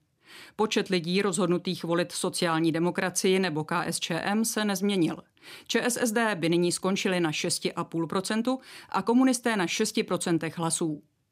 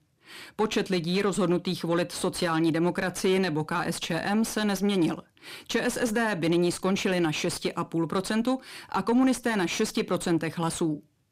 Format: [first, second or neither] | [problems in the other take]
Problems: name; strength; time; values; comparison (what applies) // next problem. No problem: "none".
first | distortion; slight; 10 dB below the speech